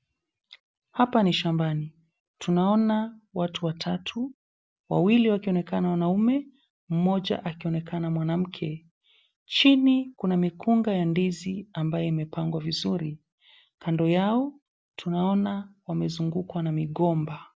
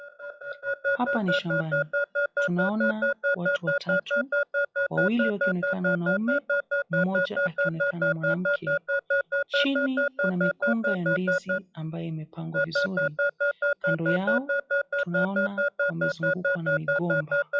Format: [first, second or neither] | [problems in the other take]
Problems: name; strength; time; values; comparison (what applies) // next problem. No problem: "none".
first | noise reduction (classical method WPE with log-MMSE)